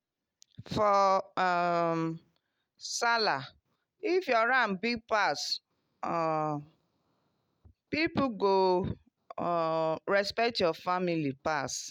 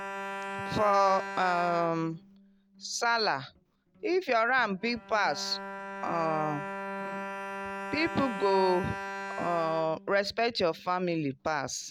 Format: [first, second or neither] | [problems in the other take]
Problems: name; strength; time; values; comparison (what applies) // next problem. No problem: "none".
first | background sound (Bowed string instrument); 10 dB below the speech